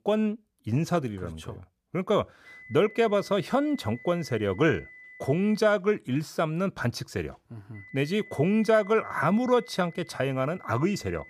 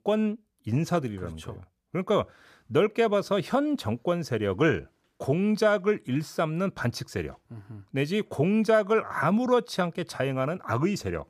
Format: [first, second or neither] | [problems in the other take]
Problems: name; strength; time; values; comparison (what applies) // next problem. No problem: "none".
second | high-pitched whine; faint; from 2.5 to 5.5 s and from 8 s on; 2 kHz, 20 dB below the speech